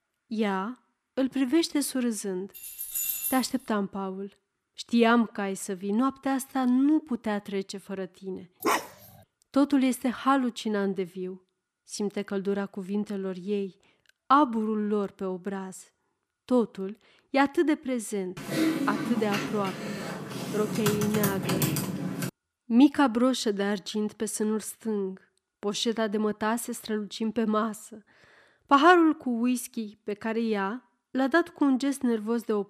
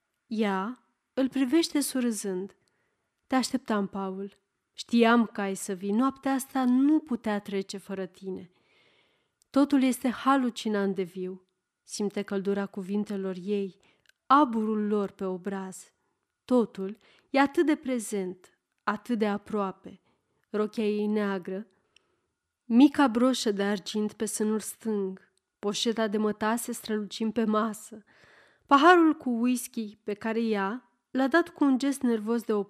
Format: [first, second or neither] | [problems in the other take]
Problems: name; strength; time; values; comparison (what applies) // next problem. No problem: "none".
second | jangling keys; noticeable; at 2.5 s; peak level with the speech // dog barking; noticeable; at 8.5 s; peak level with the speech // keyboard typing; loud; from 18 to 22 s; peak 1 dB above the speech